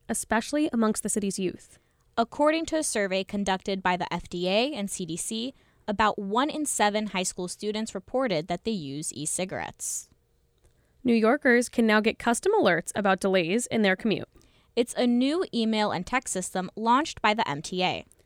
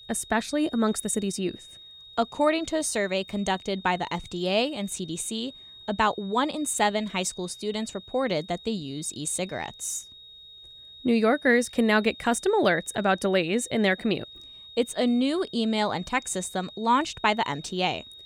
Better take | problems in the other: first | high-pitched whine; noticeable; throughout; 3.5 kHz, 20 dB below the speech

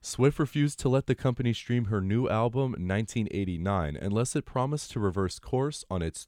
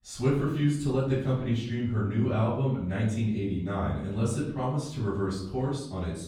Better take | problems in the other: first | off-mic speech; far // room echo; noticeable; dies away in 0.7 s

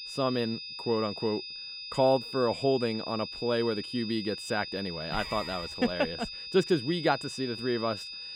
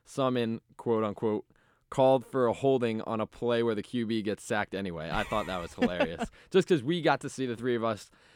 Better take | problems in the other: second | high-pitched whine; loud; throughout; 5 kHz, 8 dB below the speech

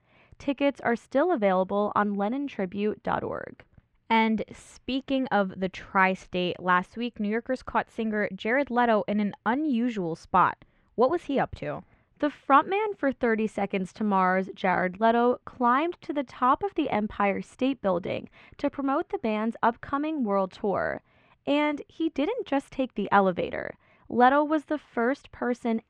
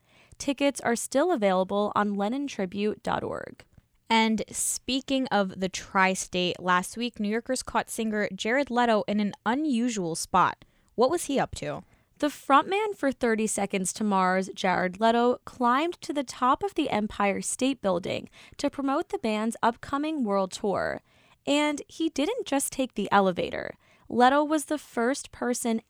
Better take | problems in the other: second | muffled; very; fading above 2 kHz

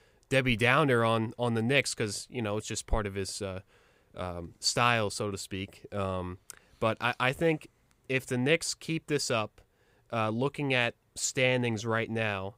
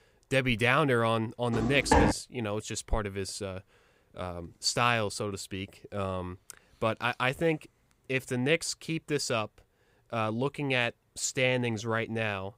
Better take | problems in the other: first | footsteps; loud; at 1.5 s; peak 5 dB above the speech

